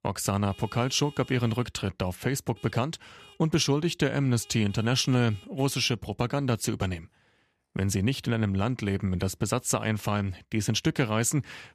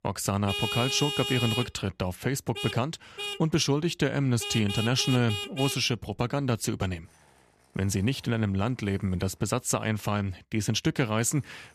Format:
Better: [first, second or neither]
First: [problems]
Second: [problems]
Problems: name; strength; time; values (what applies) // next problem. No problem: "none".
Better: first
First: traffic noise; faint; throughout; 25 dB below the speech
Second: traffic noise; loud; throughout; 5 dB below the speech